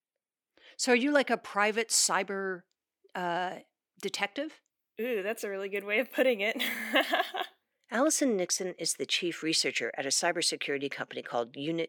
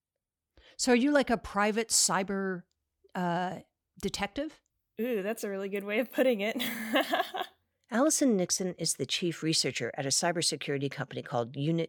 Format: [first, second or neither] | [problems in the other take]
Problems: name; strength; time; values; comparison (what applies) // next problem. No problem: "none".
second | thin; very slightly; fading below 300 Hz